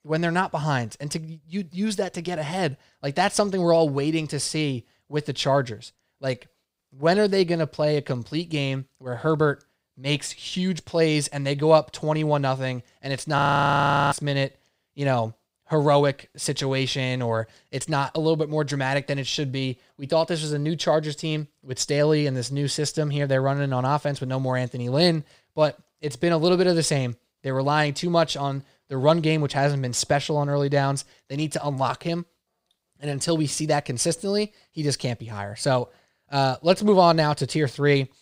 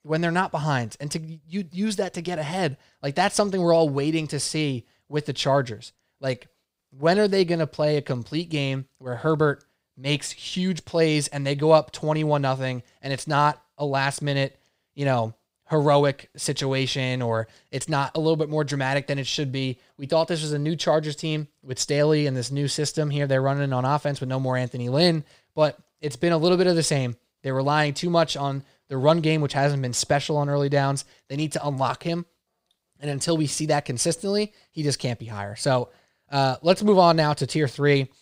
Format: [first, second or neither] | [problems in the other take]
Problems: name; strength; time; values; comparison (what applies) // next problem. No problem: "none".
second | audio freezing; at 13 s for 0.5 s